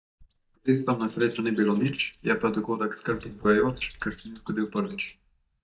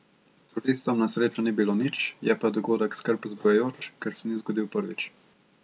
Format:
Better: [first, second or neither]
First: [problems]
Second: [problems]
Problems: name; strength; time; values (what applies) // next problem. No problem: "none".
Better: second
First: noise reduction (neural mask model DeepFilterNet 3)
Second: none